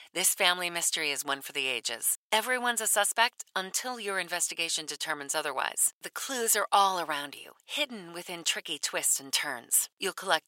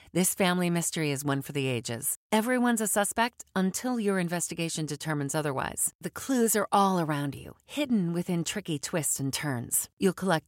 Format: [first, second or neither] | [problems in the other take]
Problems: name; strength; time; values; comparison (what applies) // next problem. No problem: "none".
second | thin; very; fading below 650 Hz